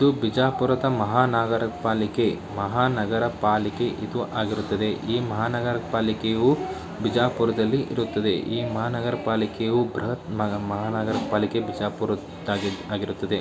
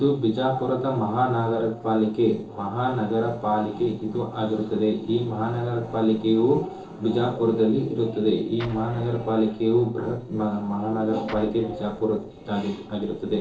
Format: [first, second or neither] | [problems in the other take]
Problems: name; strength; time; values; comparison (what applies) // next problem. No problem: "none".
first | noise reduction (neural separator model SepFormer DNS4)